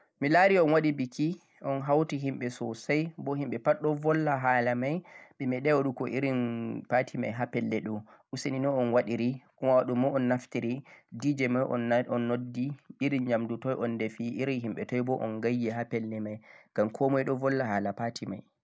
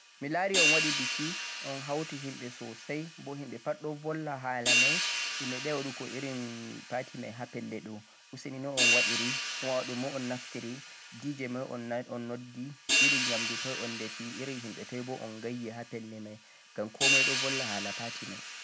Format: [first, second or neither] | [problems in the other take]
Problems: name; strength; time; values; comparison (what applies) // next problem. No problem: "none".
first | background sound (Hi-hat); 4 dB above the speech